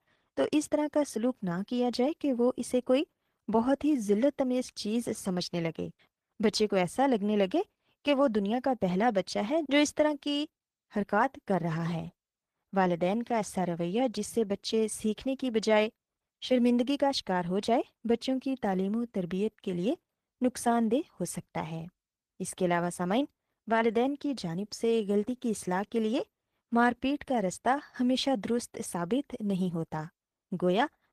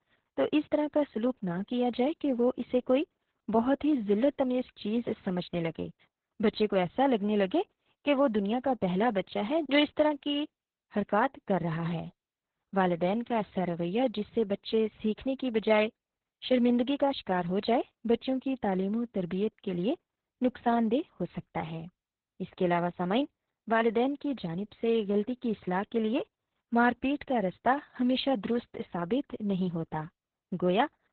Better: first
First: garbled, watery; slightly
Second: garbled, watery; badly; nothing above 4 kHz

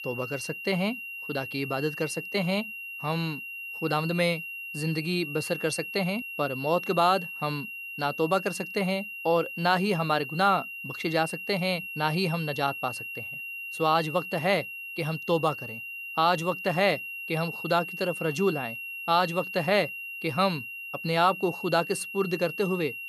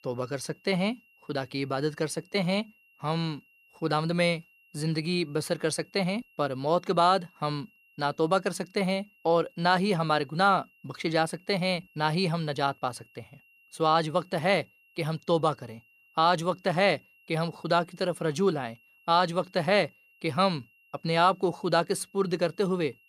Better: second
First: high-pitched whine; loud; throughout; 3 kHz, 7 dB below the speech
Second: high-pitched whine; faint; throughout; 3 kHz, 30 dB below the speech

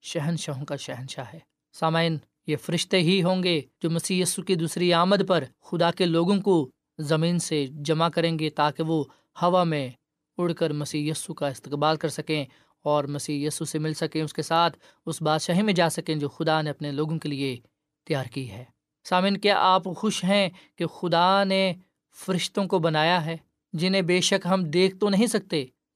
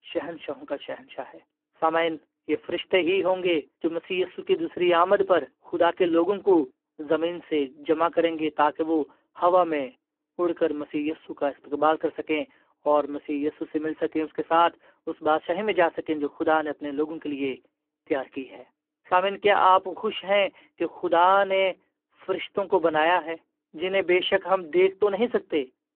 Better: first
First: none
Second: phone-call audio; poor line

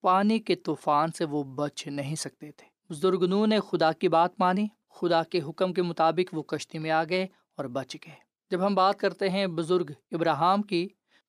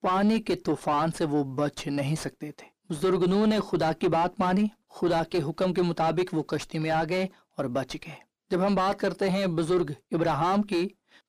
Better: first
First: none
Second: distortion; heavy; 6 dB below the speech

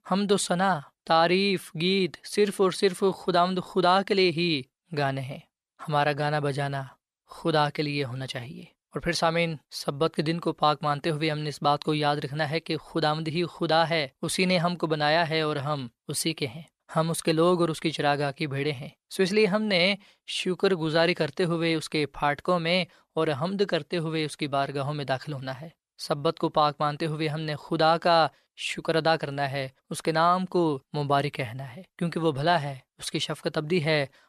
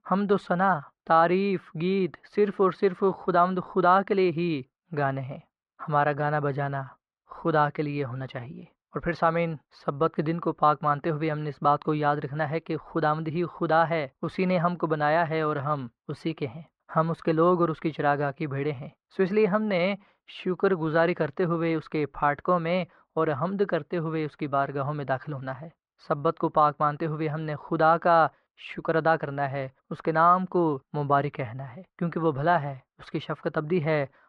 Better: first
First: none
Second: muffled; very; fading above 1.5 kHz

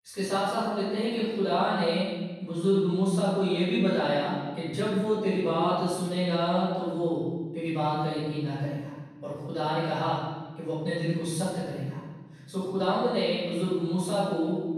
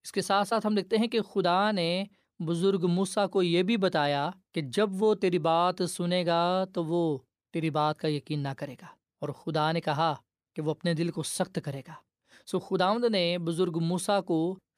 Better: second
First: room echo; strong; dies away in 1.3 s // off-mic speech; far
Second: none

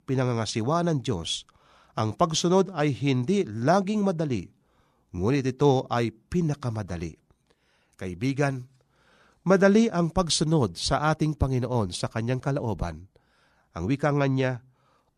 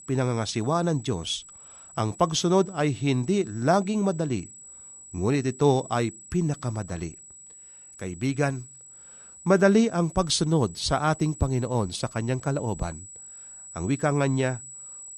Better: first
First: none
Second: high-pitched whine; noticeable; throughout; 8 kHz, 20 dB below the speech

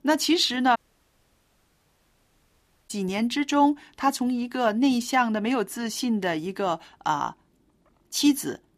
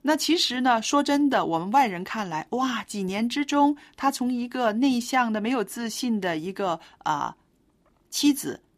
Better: second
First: audio cutting out; at 1 s for 2 s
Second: none

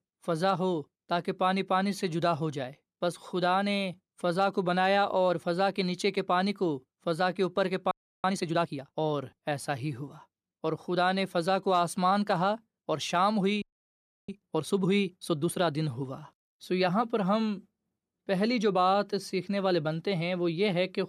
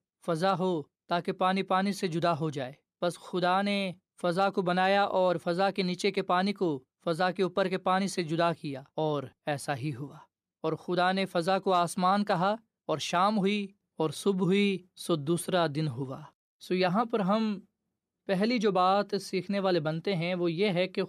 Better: second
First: audio freezing; at 8 s and at 14 s for 0.5 s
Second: none

